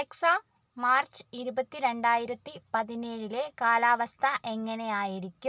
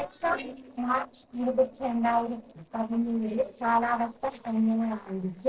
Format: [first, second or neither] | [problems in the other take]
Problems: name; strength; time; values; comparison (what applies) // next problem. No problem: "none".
first | noise reduction (neural separator model SepFormer DNS4)